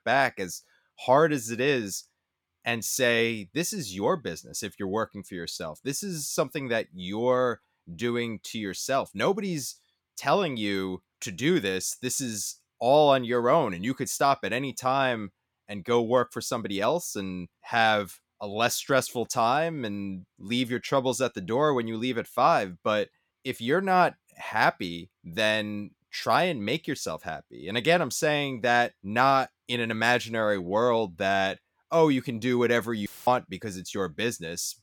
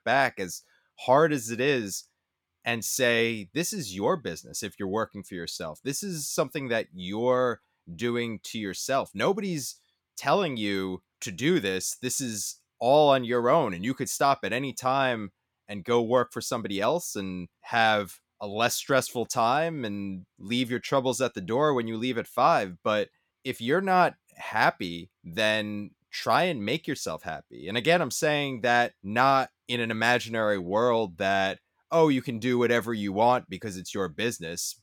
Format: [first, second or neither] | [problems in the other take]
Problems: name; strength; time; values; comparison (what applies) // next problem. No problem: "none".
second | audio cutting out; filled with static; at 33 s